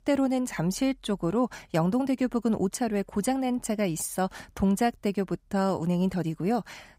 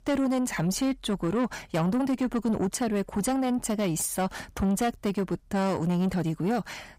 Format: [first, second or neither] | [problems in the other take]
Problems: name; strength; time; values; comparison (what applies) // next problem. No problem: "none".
first | distortion; slight; 10 dB below the speech